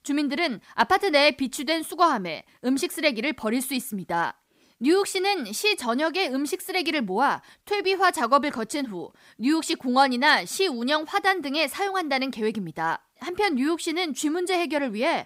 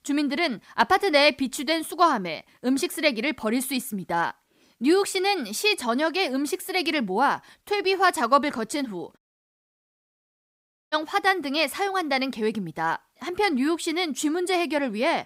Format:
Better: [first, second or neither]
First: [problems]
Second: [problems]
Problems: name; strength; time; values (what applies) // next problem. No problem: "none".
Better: first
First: none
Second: audio cutting out; at 9 s for 1.5 s